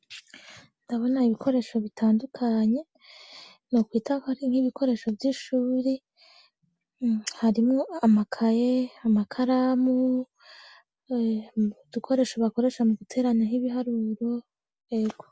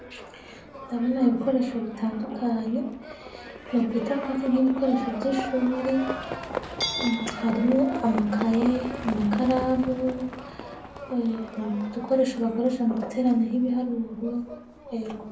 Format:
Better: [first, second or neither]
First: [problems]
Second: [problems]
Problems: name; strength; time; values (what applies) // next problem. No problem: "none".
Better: first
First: none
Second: background sound (Livestock, farm animals, working animals); 10 dB below the speech // room echo; dies away in 0.6 s